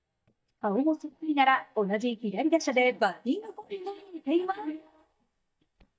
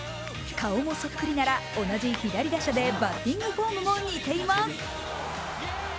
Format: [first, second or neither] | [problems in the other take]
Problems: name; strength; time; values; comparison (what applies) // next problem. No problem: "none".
second | noise reduction (neural mask model DeepFilterNet 3)